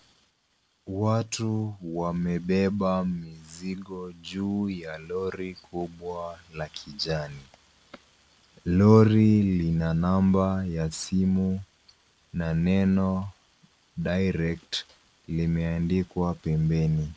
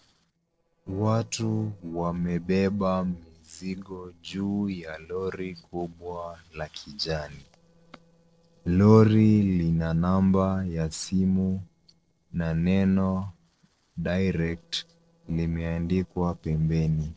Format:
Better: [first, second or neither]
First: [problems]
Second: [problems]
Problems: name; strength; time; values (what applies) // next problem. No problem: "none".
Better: first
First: none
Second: noise reduction (neural separator model SepFormer DNS4)